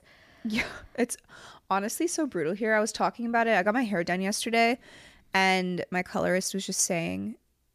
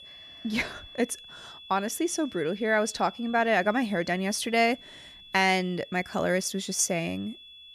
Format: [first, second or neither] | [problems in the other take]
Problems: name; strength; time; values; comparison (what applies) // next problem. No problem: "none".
first | high-pitched whine; noticeable; throughout; 3.5 kHz, 20 dB below the speech